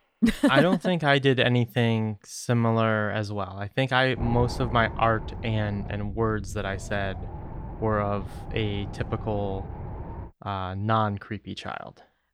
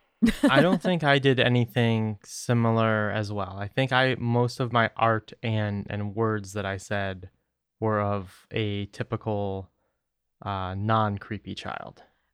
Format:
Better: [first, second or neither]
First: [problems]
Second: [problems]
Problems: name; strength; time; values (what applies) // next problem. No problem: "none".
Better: second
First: wind noise on the microphone; occasional gusts; from 4 to 10 s; 15 dB below the speech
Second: none